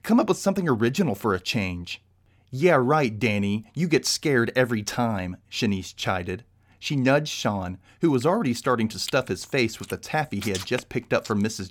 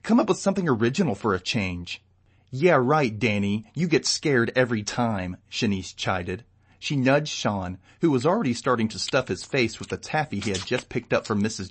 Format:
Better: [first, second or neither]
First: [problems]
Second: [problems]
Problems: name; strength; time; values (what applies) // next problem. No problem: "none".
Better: first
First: none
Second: garbled, watery; slightly; nothing above 8 kHz